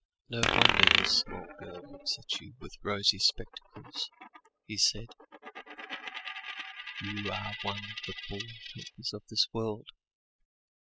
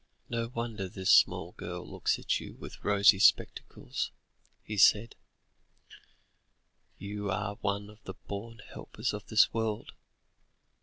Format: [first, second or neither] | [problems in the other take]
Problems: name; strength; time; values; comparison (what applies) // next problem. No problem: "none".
second | noise reduction (classical method spectral subtraction)